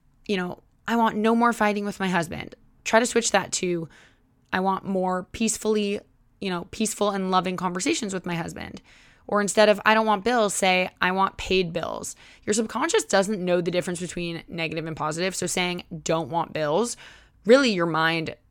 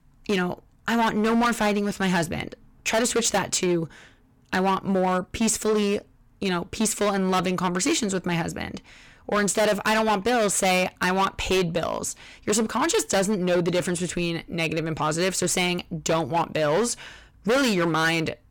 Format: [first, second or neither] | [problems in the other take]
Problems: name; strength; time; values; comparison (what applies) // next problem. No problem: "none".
first | distortion; heavy; 13% of the sound clipped